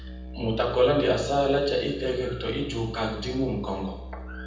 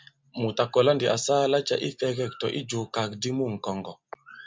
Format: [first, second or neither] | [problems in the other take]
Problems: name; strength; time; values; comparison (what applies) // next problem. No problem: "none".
second | background sound (Musical instrument); 12 dB below the speech // room echo; dies away in 0.8 s